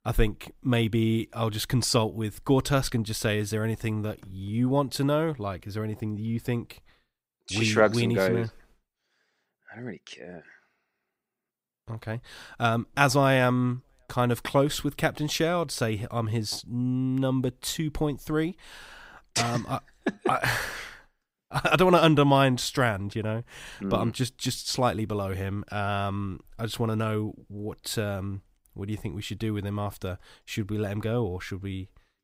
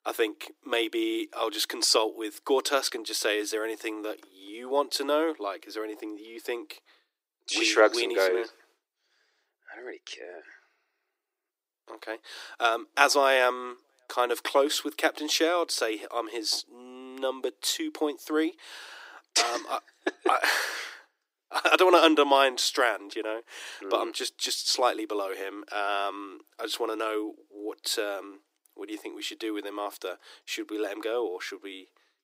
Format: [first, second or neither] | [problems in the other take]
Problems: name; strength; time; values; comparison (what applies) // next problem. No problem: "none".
first | thin; very; fading below 300 Hz